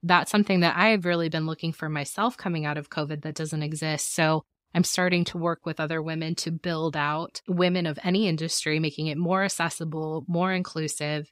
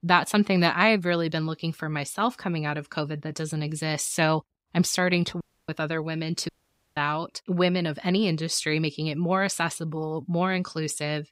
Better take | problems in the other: first | audio cutting out; at 5.5 s and at 6.5 s

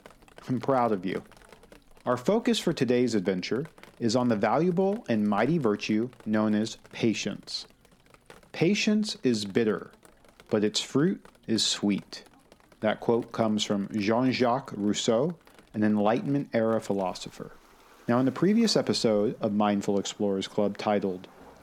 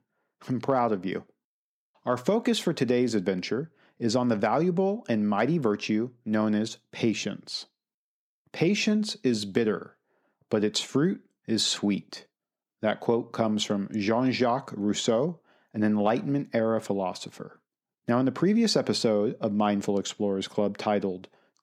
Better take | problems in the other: second | rain or running water; faint; throughout; 30 dB below the speech

